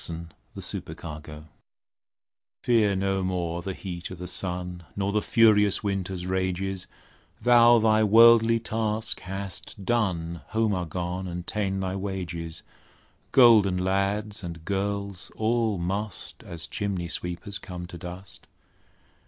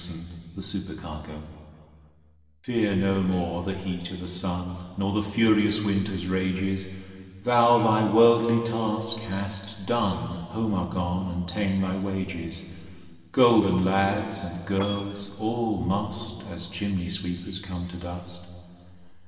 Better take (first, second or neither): first